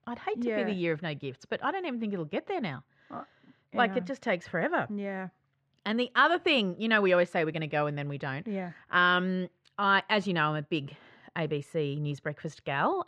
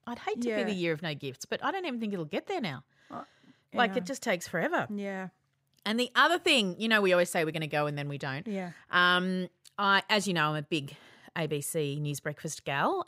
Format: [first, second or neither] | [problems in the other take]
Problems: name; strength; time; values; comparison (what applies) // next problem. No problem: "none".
second | muffled; slightly; fading above 3 kHz